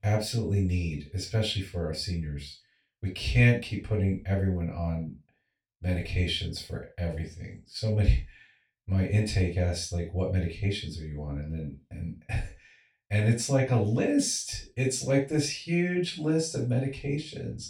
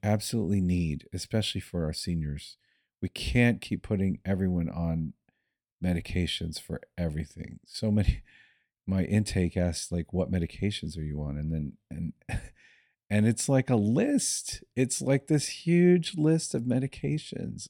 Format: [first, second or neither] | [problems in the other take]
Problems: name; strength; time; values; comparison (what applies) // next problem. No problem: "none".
second | room echo; slight; dies away in 0.3 s // off-mic speech; far